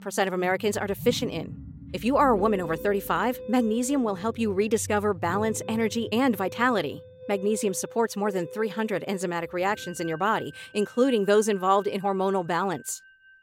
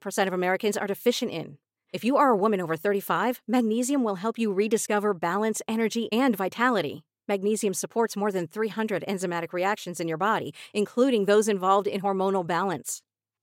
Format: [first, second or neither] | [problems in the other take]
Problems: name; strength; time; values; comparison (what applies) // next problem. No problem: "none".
second | background music; noticeable; throughout; 15 dB below the speech